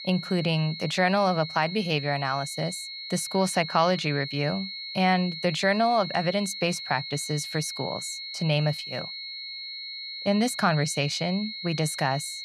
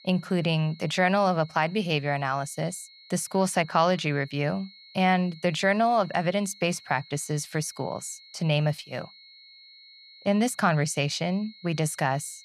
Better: second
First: high-pitched whine; loud; throughout; 4 kHz, 8 dB below the speech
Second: high-pitched whine; faint; throughout; 4 kHz, 20 dB below the speech

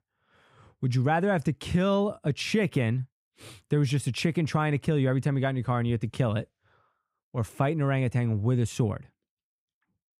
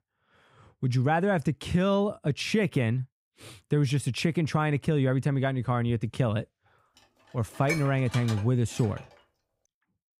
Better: first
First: none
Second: clattering dishes; noticeable; from 7.5 to 9 s; peak 6 dB below the speech

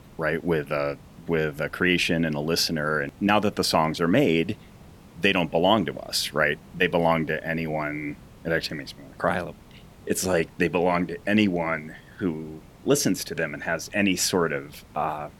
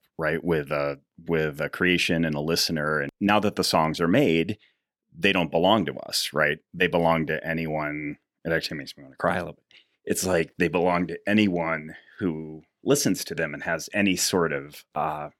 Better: second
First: hiss; faint; throughout; 25 dB below the speech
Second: none

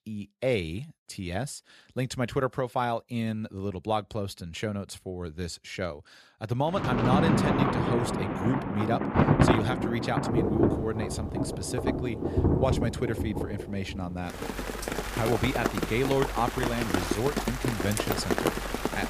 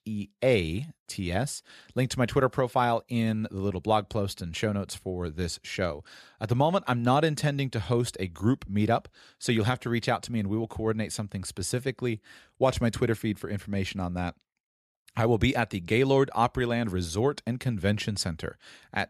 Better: second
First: rain or running water; very loud; from 7 s on; 3 dB above the speech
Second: none

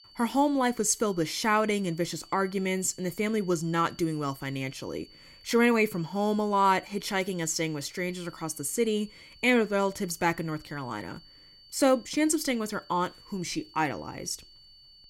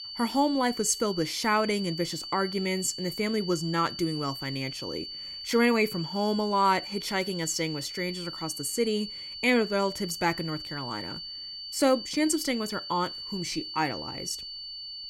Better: first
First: high-pitched whine; faint; throughout; 4.5 kHz, 25 dB below the speech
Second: high-pitched whine; loud; throughout; 4.5 kHz, 8 dB below the speech

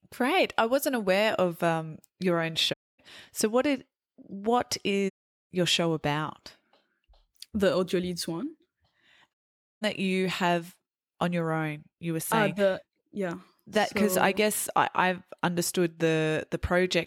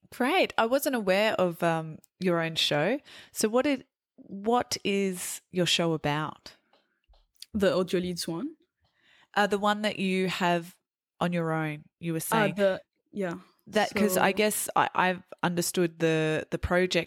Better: second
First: audio cutting out; at 2.5 s, at 5 s and at 9.5 s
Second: none

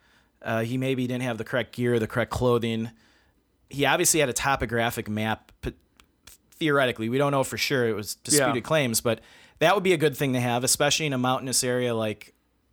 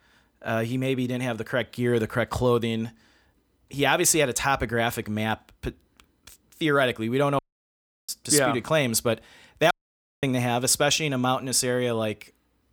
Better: first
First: none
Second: audio cutting out; at 7.5 s for 0.5 s and at 9.5 s for 0.5 s

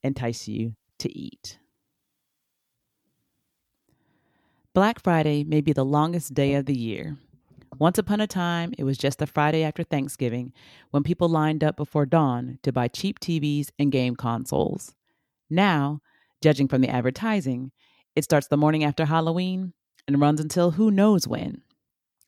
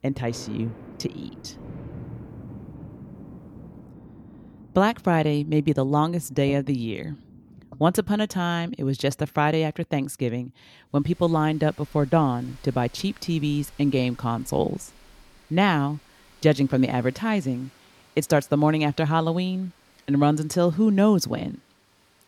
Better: first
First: none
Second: rain or running water; faint; throughout; 25 dB below the speech

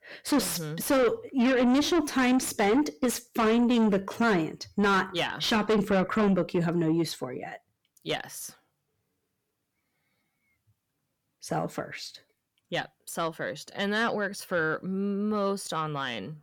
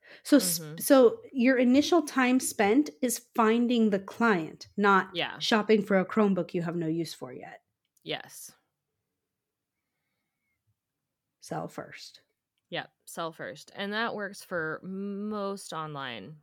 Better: second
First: distortion; heavy; 6 dB below the speech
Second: none

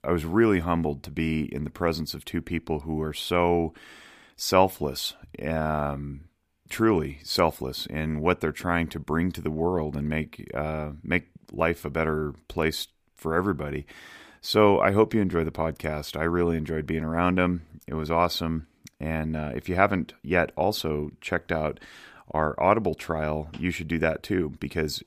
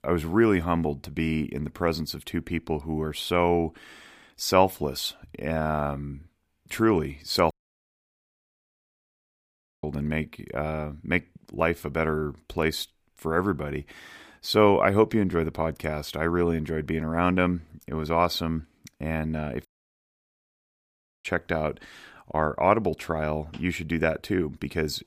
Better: first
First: none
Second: audio cutting out; at 7.5 s for 2.5 s and at 20 s for 1.5 s

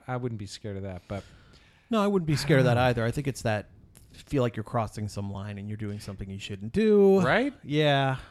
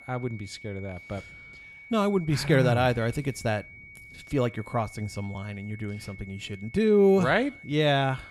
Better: first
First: none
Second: high-pitched whine; noticeable; throughout; 2 kHz, 20 dB below the speech

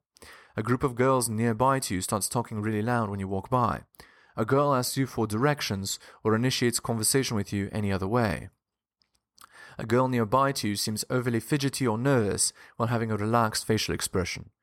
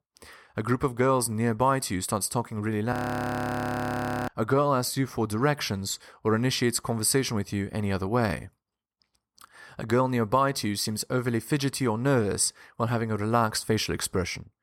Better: first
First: none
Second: audio freezing; at 3 s for 1.5 s

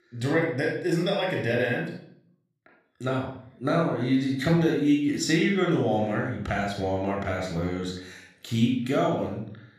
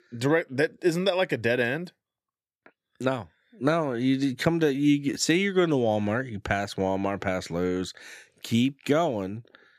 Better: second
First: off-mic speech; somewhat distant // room echo; noticeable; dies away in 0.5 s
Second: none

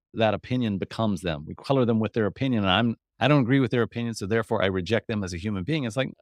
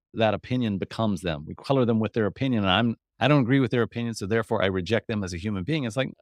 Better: neither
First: none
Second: none

